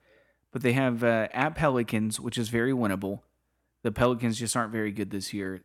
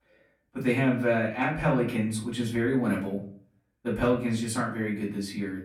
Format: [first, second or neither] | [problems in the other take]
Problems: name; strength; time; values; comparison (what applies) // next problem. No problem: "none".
first | off-mic speech; far // room echo; slight; dies away in 0.4 s